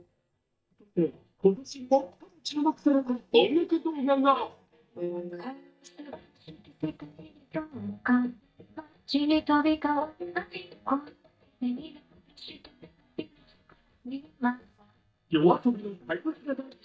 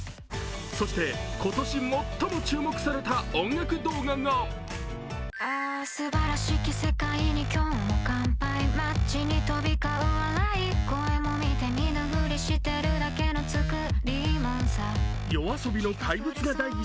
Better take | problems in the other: second | noise reduction (neural mask model DeepFilterNet 3)

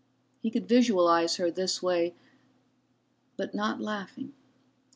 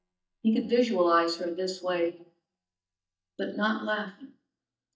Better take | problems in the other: first | noise reduction (neural mask model DeepFilterNet 3)

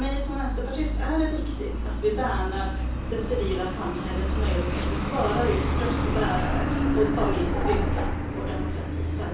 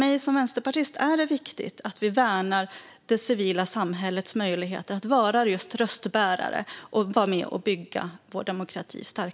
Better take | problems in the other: second | background sound (Truck); 3 dB above the speech // room echo; dies away in 0.6 s

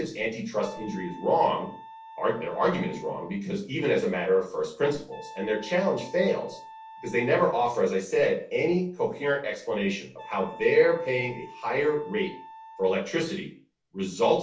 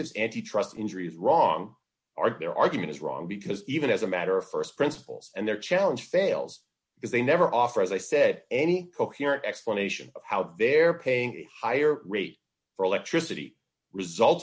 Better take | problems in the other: second | background sound (Wind instrument, woodwind instrument); 19 dB below the speech // room echo; dies away in 0.4 s

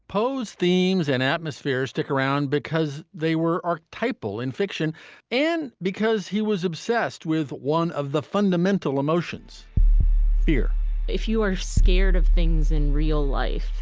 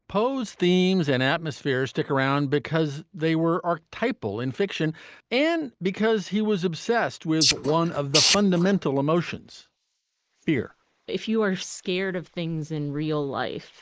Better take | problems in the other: first | noise reduction (neural mask model Resemble Enhance denoiser)

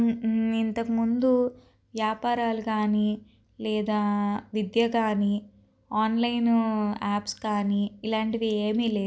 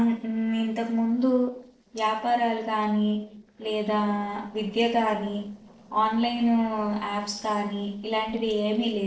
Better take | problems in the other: first | noise reduction (neural separator model SepFormer DNS4)

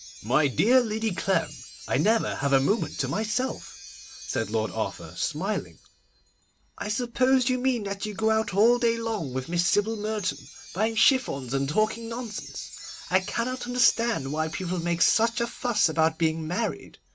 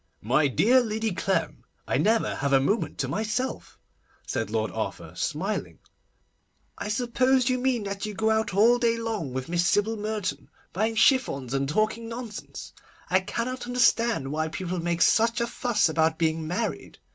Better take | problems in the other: second | background sound (Wind chime); 18 dB below the speech

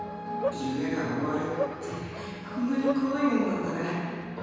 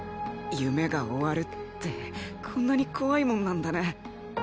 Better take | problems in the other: second | background sound (Bark); 8 dB below the speech // room echo; dies away in 1.9 s

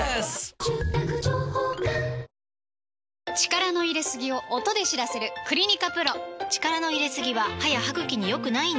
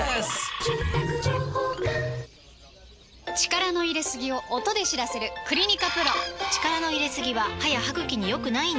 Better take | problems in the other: first | background sound (Chicken, rooster); 10 dB below the speech

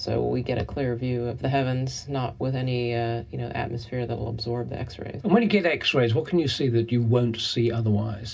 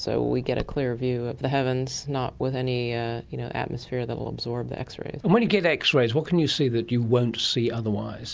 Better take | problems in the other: second | room echo; dies away in 0.4 s

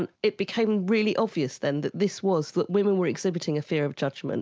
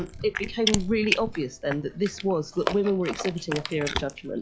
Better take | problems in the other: first | noise reduction (classical method log-MMSE)

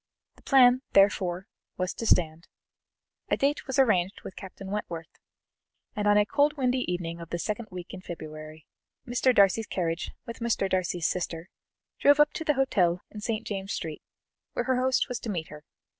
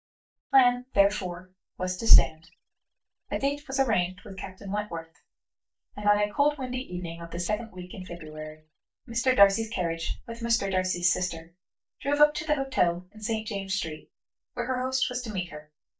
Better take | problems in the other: first | noise reduction (neural mask model DeepFilterNet 3)

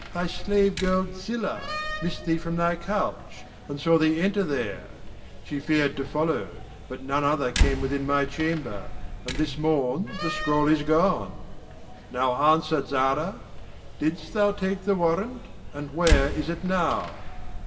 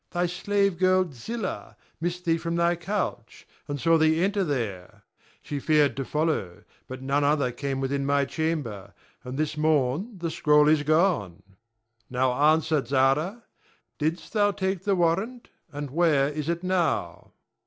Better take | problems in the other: second | background sound (Slam); 6 dB below the speech // room echo; dies away in 1.7 s

